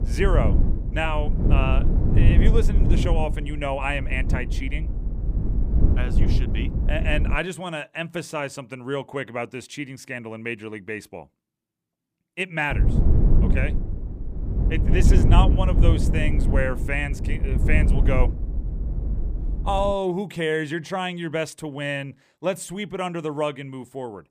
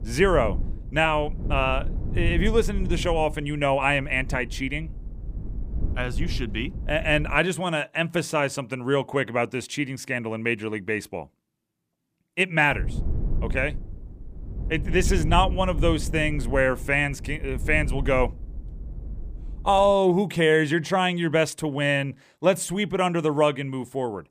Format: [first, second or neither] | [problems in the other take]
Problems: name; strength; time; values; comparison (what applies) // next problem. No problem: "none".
second | low rumble; loud; until 7.5 s and from 13 to 20 s; 7 dB below the speech; faint in the second